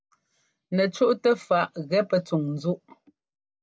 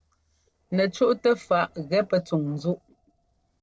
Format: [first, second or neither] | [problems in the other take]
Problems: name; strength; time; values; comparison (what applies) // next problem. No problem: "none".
first | noise reduction (neural separator model SepFormer DNS4)